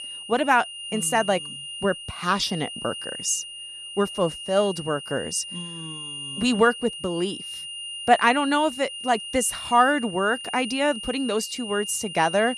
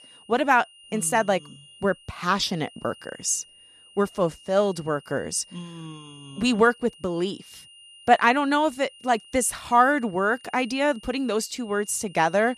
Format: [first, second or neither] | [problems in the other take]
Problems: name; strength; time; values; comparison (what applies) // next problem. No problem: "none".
second | high-pitched whine; loud; throughout; 3 kHz, 9 dB below the speech; faint in the second